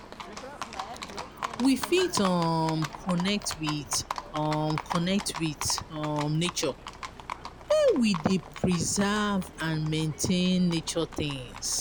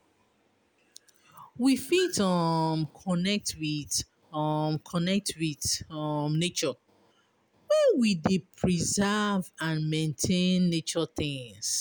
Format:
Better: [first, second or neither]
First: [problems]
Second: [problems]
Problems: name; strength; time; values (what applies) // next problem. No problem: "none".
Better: second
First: background sound (Livestock, farm animals, working animals); 11 dB below the speech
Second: none